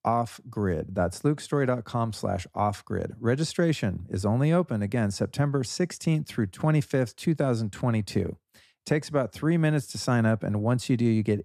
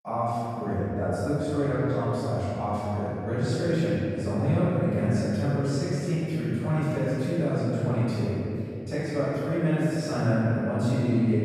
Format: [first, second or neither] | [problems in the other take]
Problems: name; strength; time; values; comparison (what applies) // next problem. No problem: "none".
first | off-mic speech; far // room echo; strong; dies away in 2.7 s